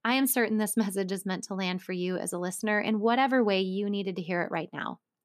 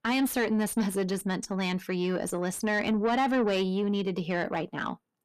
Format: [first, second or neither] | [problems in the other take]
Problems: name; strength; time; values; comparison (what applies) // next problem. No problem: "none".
first | distortion; slight; 10 dB below the speech